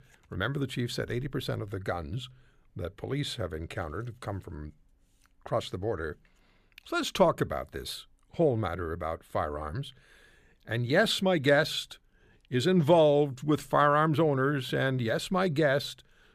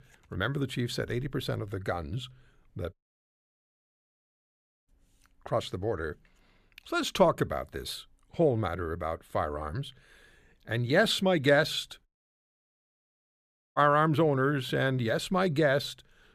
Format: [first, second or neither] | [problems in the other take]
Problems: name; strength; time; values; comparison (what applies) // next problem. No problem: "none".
first | audio cutting out; at 3 s for 2 s and at 12 s for 1.5 s